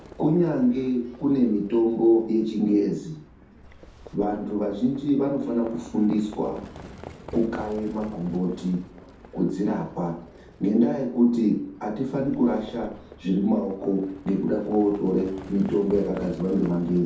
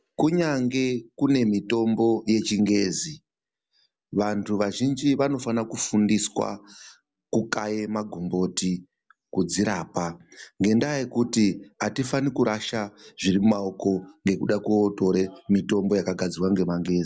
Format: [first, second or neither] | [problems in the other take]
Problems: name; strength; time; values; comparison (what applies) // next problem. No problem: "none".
second | background sound (Livestock, farm animals, working animals); 19 dB below the speech // room echo; dies away in 0.6 s